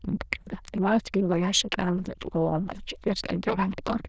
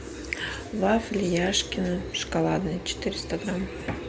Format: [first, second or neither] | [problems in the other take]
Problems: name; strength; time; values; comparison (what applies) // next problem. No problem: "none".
second | noise reduction (neural diffusion model UNIVERSE++)